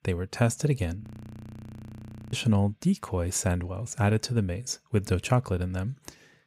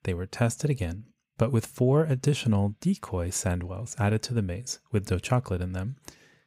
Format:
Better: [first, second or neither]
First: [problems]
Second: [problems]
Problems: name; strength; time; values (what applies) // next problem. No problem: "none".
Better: second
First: audio freezing; at 1 s for 1.5 s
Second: none